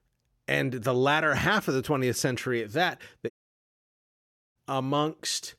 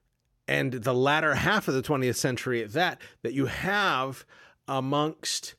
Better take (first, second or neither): second